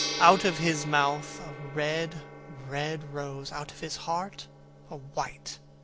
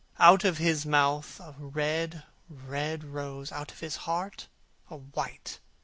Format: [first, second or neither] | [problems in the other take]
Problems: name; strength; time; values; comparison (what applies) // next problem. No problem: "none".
second | background sound (Gong); 11 dB below the speech